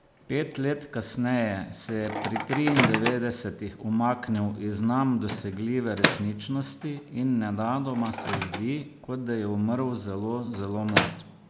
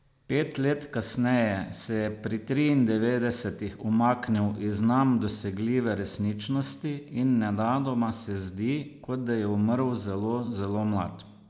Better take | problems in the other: second | background sound (Microwave oven); 6 dB below the speech

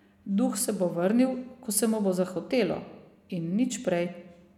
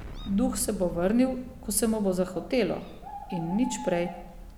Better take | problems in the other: first | background sound (Bird + Explosion); 12 dB below the speech

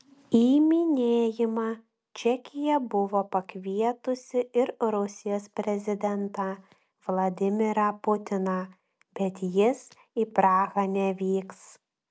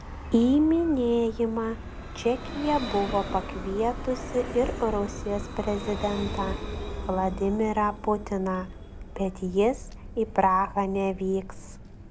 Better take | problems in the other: first | background sound (Vehicle); 9 dB below the speech

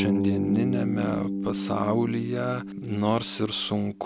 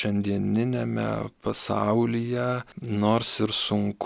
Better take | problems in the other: second | background sound (Bass guitar); 2 dB below the speech

